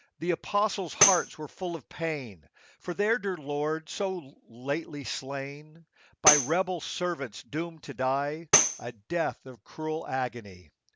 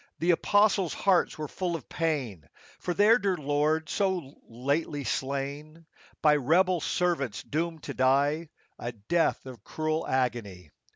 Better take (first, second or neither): second